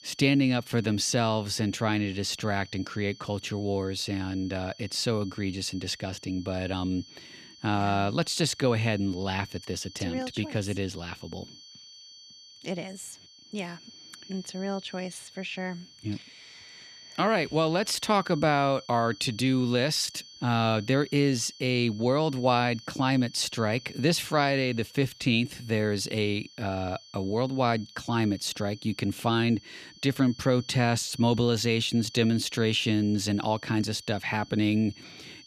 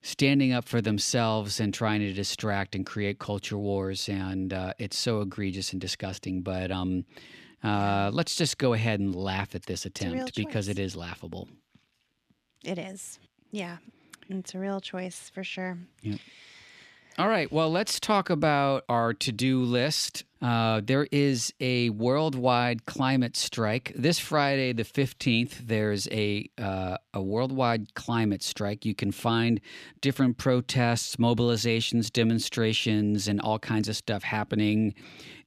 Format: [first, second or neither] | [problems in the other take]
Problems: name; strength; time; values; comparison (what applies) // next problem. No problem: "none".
second | high-pitched whine; faint; throughout; 4.5 kHz, 20 dB below the speech